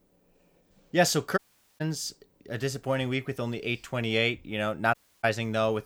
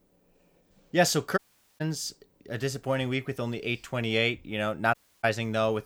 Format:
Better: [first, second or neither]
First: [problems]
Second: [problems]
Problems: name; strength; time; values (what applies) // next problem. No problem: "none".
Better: neither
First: audio cutting out; at 1.5 s and at 5 s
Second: audio cutting out; at 1.5 s and at 5 s